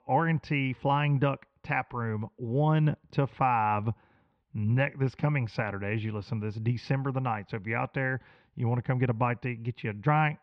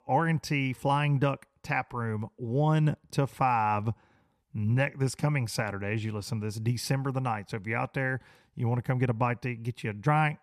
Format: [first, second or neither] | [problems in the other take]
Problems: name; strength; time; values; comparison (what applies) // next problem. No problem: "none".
second | muffled; slightly; fading above 3.5 kHz